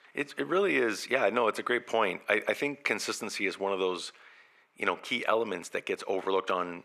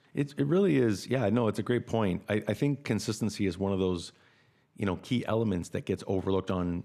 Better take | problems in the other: second | thin; very; fading below 550 Hz

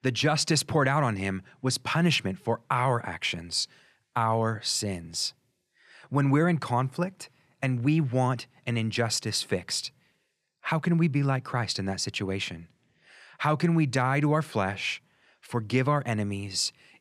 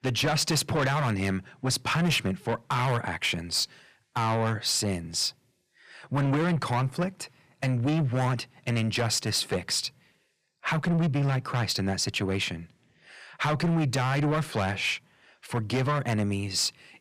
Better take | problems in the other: first | distortion; heavy; 7 dB below the speech

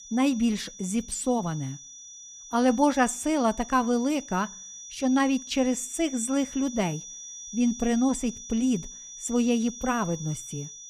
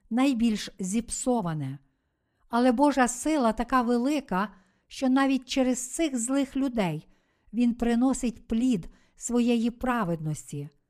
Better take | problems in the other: second | high-pitched whine; noticeable; throughout; 6 kHz, 15 dB below the speech

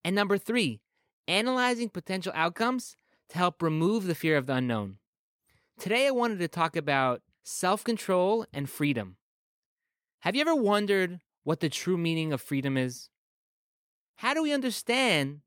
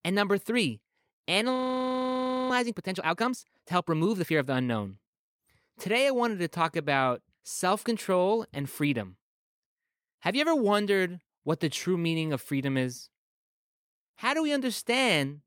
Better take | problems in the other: first | audio freezing; at 1.5 s for 1 s

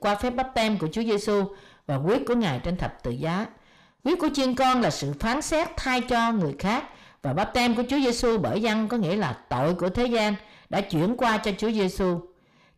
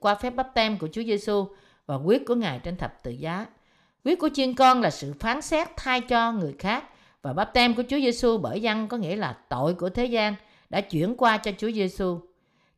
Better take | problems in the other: second | distortion; heavy; 6 dB below the speech

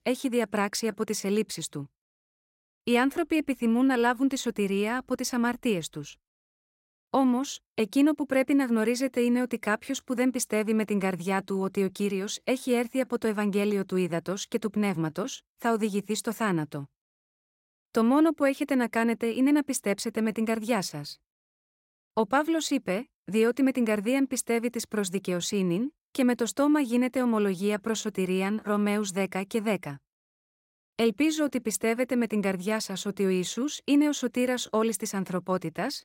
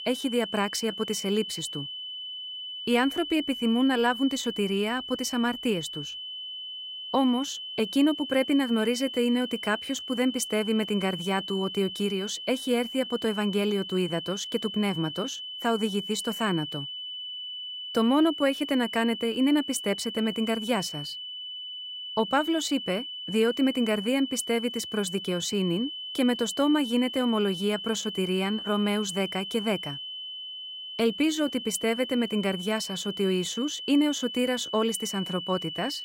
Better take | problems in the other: first | high-pitched whine; loud; throughout; 3 kHz, 8 dB below the speech

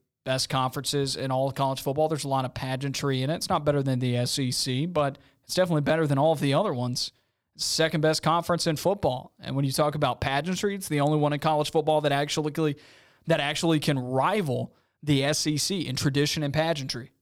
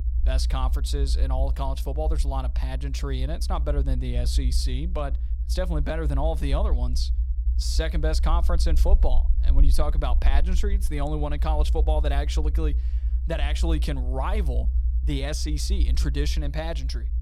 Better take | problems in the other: first | low rumble; noticeable; throughout; 15 dB below the speech

